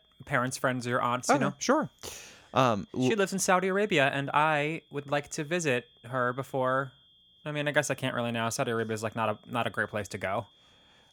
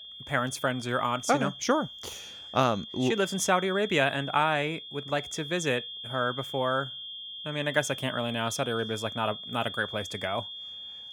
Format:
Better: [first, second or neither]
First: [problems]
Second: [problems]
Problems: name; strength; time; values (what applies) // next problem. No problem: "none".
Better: first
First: high-pitched whine; faint; throughout; 3.5 kHz, 30 dB below the speech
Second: high-pitched whine; loud; throughout; 3.5 kHz, 10 dB below the speech